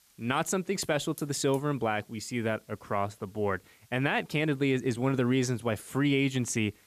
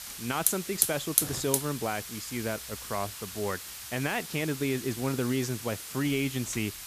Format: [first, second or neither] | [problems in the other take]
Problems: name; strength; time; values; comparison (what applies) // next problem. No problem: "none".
first | hiss; loud; throughout; 1 dB below the speech; faint in the first